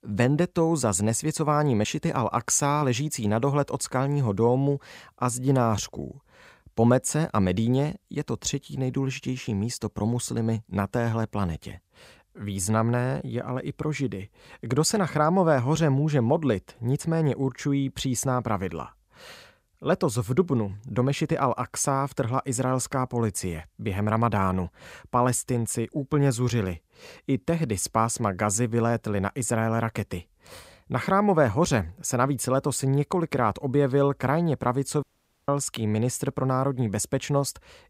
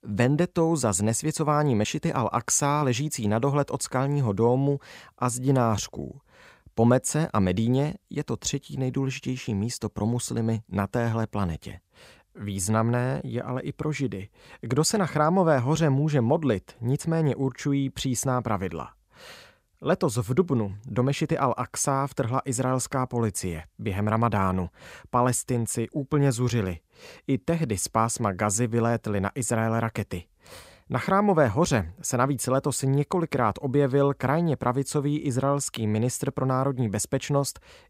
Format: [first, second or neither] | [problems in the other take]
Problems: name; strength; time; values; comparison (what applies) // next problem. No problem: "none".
second | audio cutting out; at 35 s